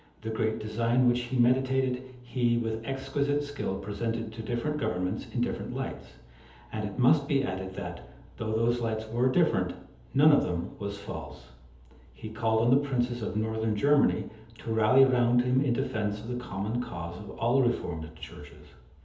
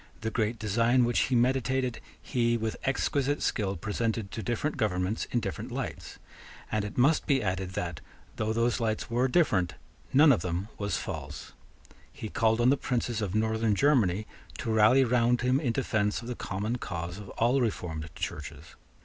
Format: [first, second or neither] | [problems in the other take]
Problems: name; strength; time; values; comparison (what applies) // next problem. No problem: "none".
second | room echo; dies away in 0.8 s